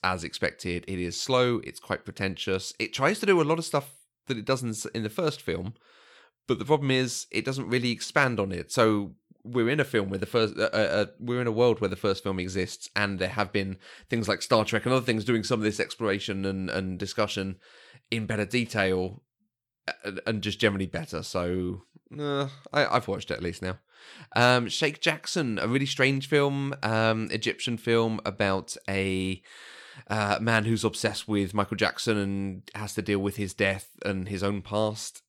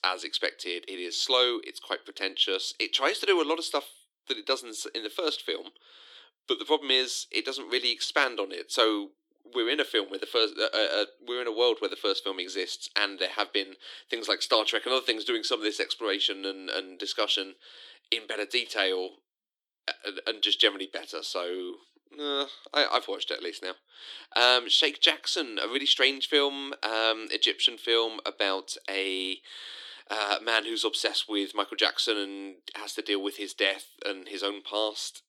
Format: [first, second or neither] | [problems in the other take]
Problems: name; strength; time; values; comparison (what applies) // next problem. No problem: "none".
first | thin; somewhat; fading below 300 Hz